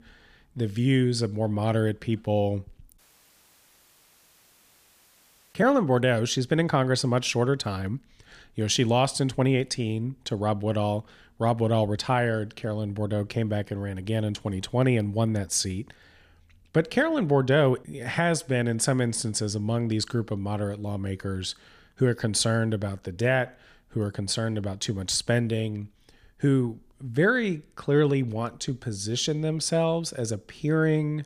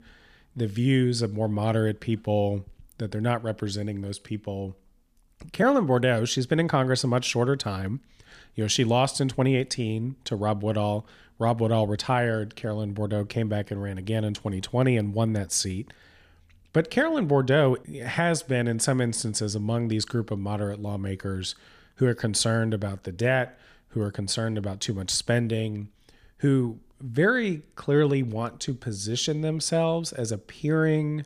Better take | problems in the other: second | audio cutting out; at 3 s for 2.5 s

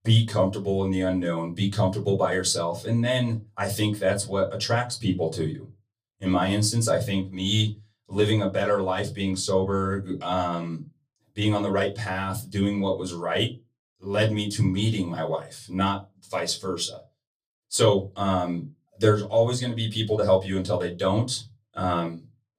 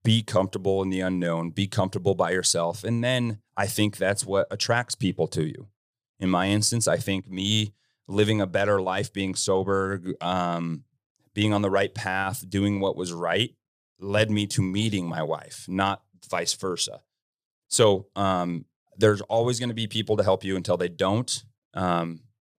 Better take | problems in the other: second | off-mic speech; far // room echo; very slight; dies away in 0.2 s

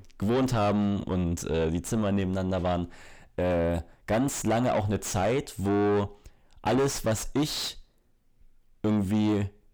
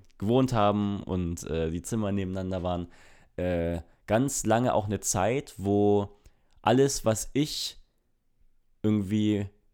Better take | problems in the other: second | distortion; heavy; 6 dB below the speech

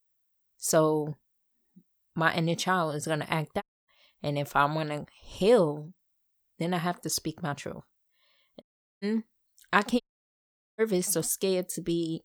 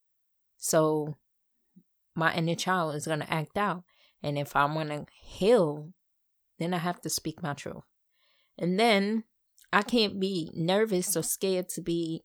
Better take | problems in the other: second | audio cutting out; at 3.5 s, at 8.5 s and at 10 s for 1 s

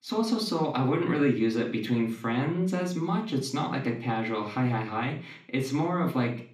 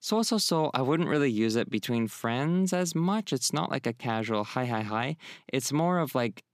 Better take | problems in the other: second | room echo; slight; dies away in 0.5 s // off-mic speech; somewhat distant

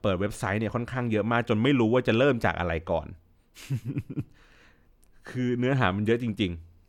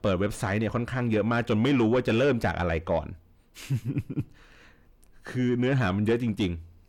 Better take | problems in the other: first | distortion; slight; 10 dB below the speech

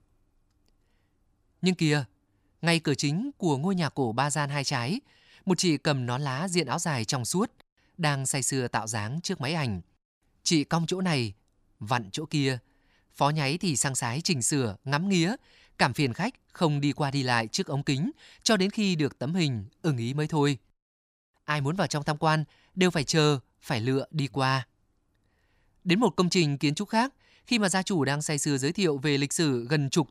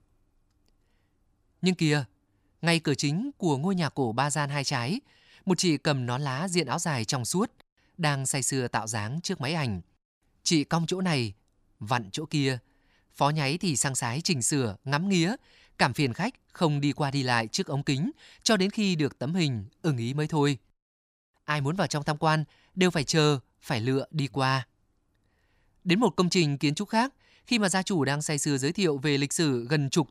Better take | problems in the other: neither | none

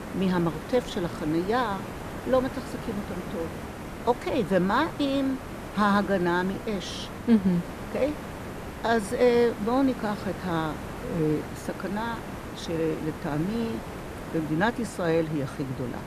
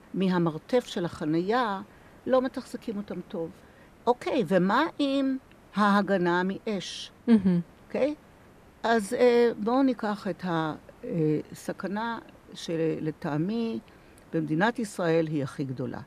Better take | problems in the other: second | hiss; loud; throughout; 10 dB below the speech; faint in the second

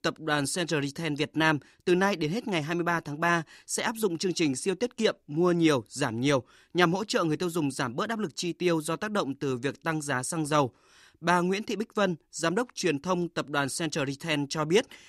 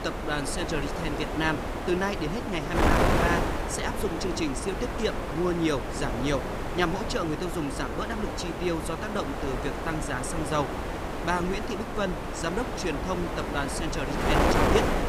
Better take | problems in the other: first | wind noise on the microphone; heavy; as loud as the speech

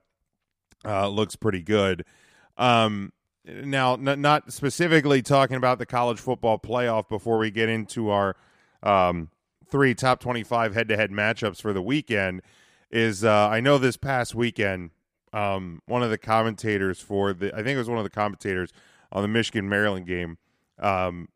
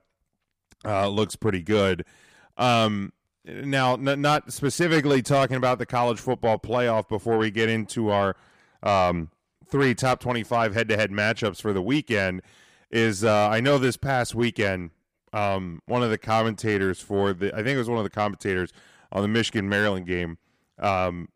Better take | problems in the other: first | distortion; slight; 10 dB below the speech

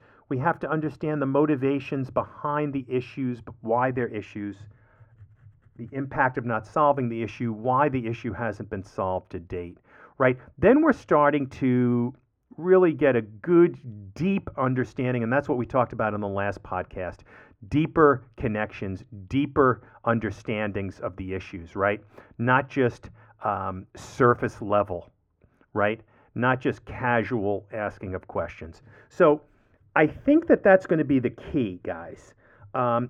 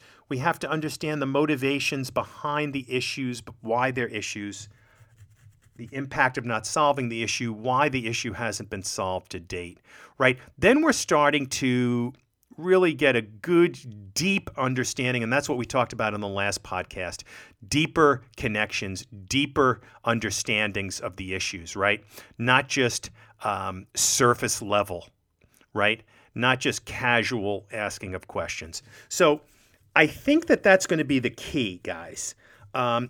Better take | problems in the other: second | muffled; very; fading above 2.5 kHz

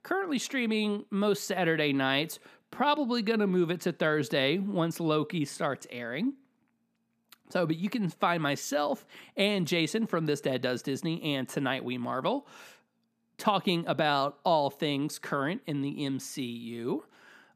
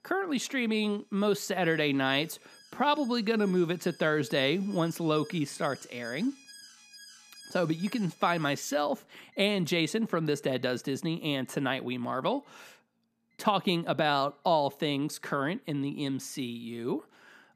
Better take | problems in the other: first | alarms or sirens; faint; throughout; 20 dB below the speech

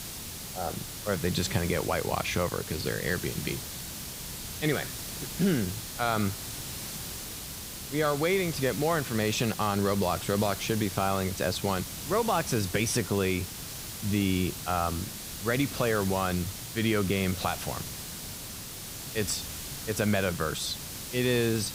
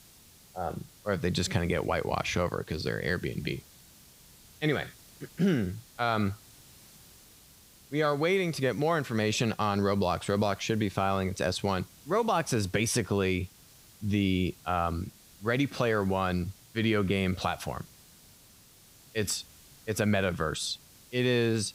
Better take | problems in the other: second | hiss; loud; throughout; 7 dB below the speech; faint in the second

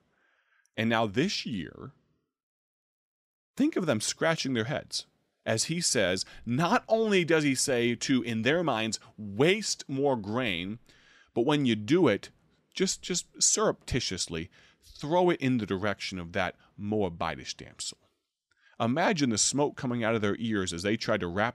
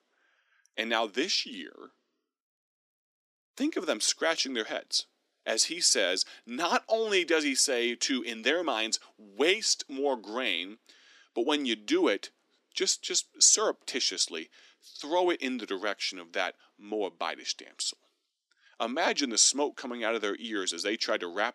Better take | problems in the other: first | thin; very slightly; fading below 250 Hz

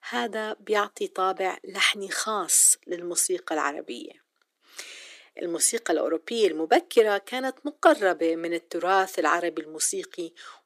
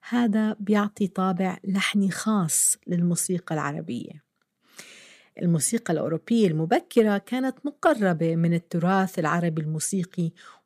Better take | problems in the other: second | thin; very; fading below 300 Hz

